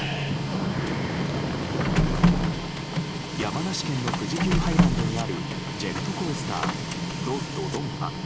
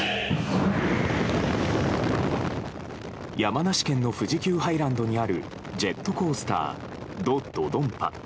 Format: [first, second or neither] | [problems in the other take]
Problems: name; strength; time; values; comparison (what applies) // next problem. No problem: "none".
second | background sound (Printer); 4 dB above the speech